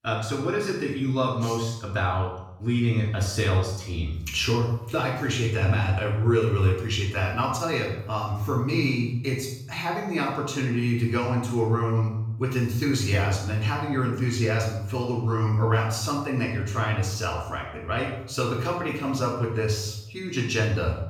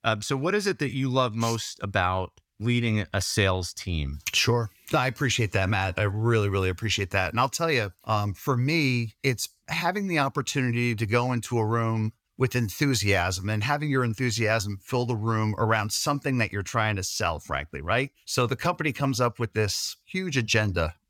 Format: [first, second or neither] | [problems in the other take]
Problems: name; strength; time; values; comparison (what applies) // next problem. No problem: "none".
second | off-mic speech; far // room echo; noticeable; dies away in 0.8 s